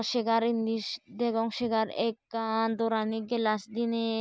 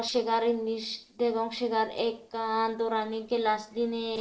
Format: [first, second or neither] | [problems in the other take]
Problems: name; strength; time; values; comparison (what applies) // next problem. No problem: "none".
first | noise reduction (neural separator model SepFormer DNS4)